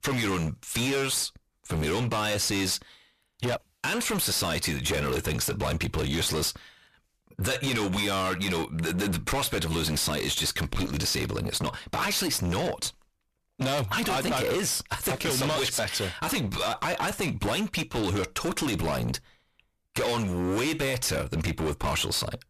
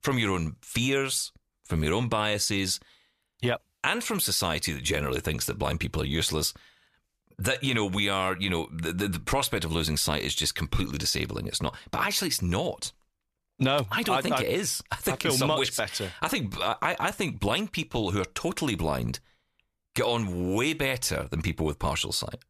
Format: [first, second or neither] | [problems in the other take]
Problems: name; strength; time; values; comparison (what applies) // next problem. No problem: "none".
second | distortion; heavy; 28% of the sound clipped